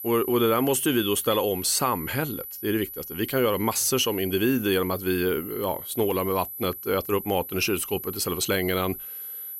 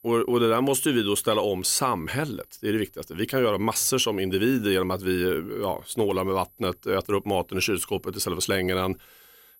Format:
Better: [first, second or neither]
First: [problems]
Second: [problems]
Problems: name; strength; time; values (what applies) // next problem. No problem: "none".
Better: second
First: high-pitched whine; loud; throughout; 12 kHz, 9 dB below the speech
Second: high-pitched whine; faint; throughout; 12 kHz, 30 dB below the speech